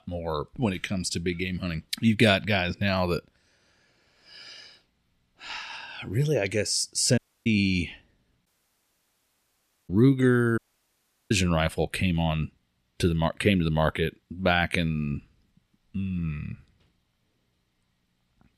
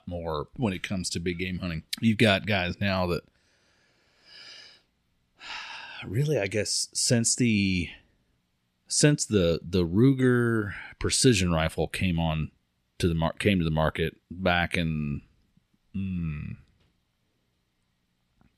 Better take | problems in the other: second | audio cutting out; at 7 s, at 8.5 s for 1.5 s and at 11 s for 0.5 s

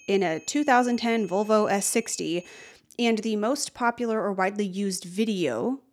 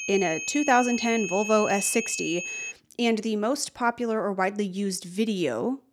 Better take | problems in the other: first | high-pitched whine; loud; until 2.5 s; 2.5 kHz, 5 dB below the speech; faint in the first

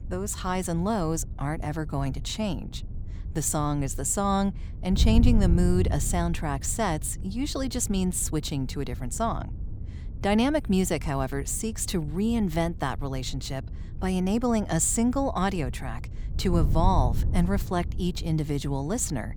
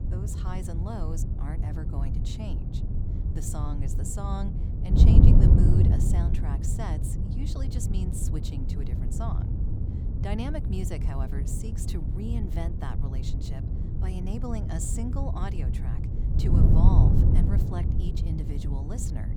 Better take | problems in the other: first | wind noise on the microphone; heavy; 1 dB above the speech; occasional gusts in the first

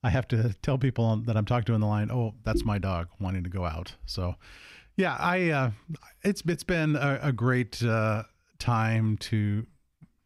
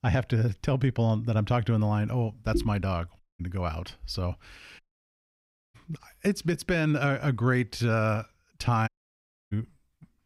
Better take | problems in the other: first | audio cutting out; at 3 s, at 5 s for 1 s and at 9 s for 0.5 s

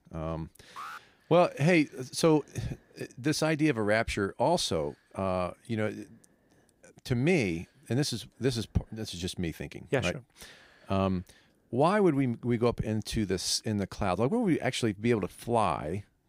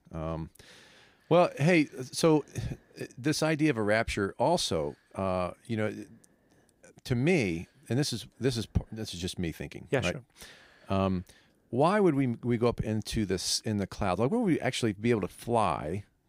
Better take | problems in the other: second | alarm; faint; at 1 s; peak 15 dB below the speech

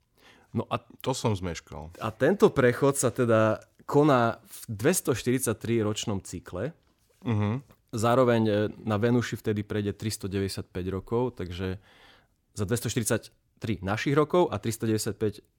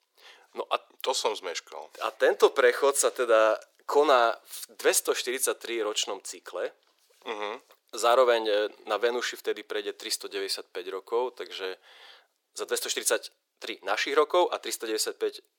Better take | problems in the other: first | thin; very; fading below 400 Hz

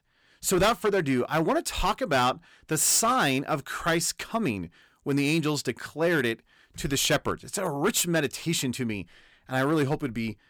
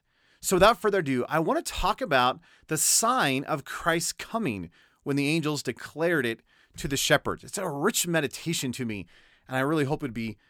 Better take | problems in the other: second | distortion; slight; 5% of the sound clipped

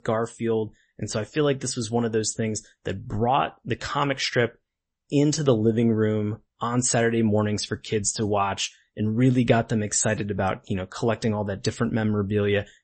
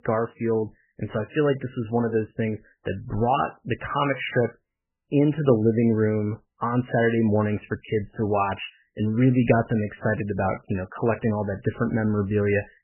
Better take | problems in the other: first | garbled, watery; badly; nothing above 3 kHz; slightly in the first

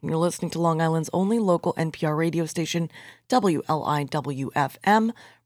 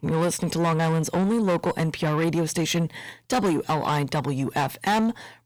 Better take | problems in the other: first | distortion; heavy; 8 dB below the speech

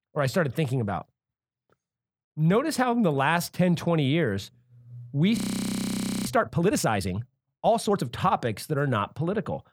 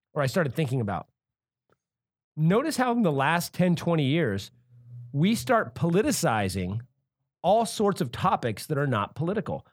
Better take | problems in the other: second | audio freezing; at 5.5 s for 1 s

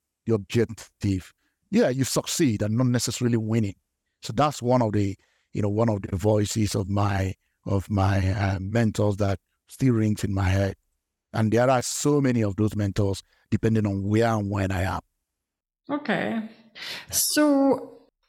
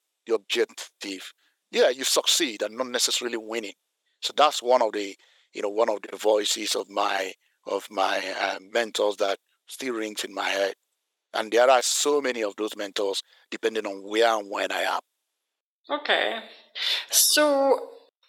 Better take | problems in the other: first | thin; very; fading below 400 Hz

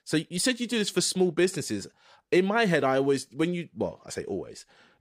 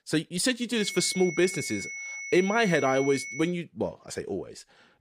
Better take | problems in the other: first | high-pitched whine; loud; from 1 to 3.5 s; 2 kHz, 9 dB below the speech

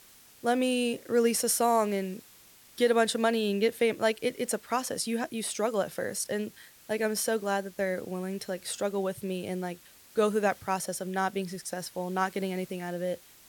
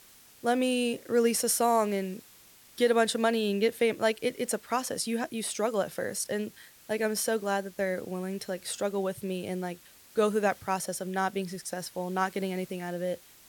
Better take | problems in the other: neither | hiss; faint; throughout; 25 dB below the speech; the same in both

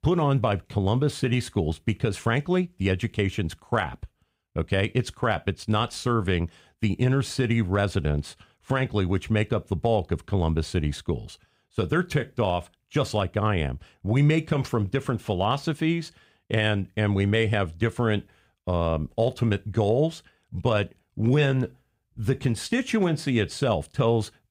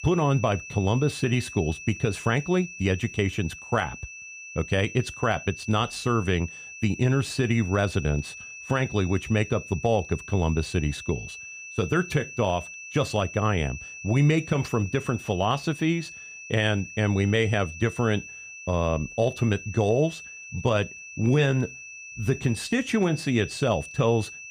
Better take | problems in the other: first | high-pitched whine; noticeable; throughout; 2.5 kHz, 15 dB below the speech

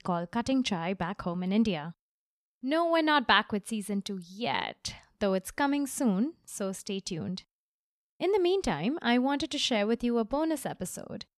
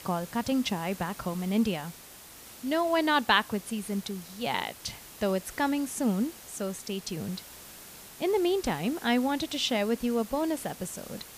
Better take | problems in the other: first | hiss; noticeable; throughout; 15 dB below the speech

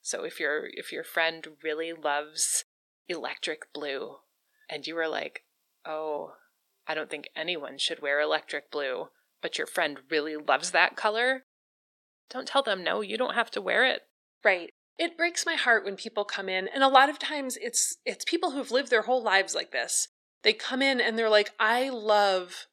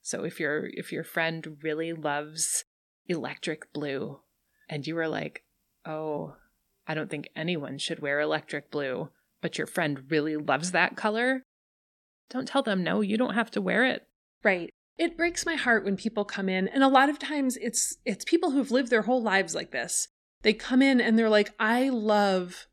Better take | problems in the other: second | thin; somewhat; fading below 550 Hz

